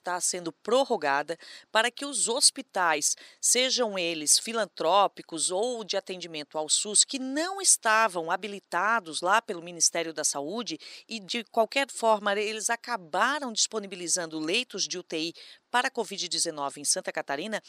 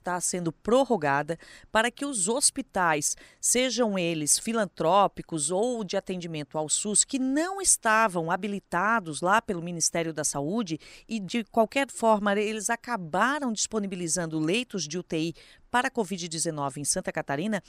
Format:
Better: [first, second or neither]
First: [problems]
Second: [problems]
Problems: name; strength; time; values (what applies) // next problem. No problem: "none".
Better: second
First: thin; very slightly; fading below 350 Hz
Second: none